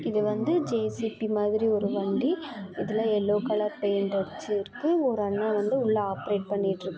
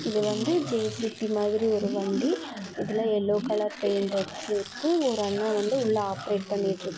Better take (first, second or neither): first